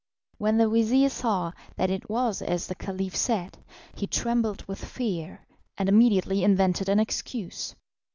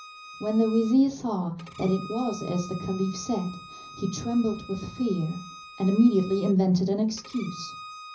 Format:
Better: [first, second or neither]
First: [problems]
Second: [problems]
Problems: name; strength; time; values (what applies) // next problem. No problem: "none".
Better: first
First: none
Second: background sound (Bowed string instrument); 18 dB below the speech // room echo; dies away in 0.5 s